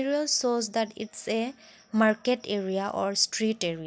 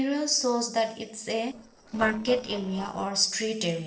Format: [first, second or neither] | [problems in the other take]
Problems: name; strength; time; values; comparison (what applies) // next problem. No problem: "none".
first | noise reduction (neural separator model SepFormer DNS4)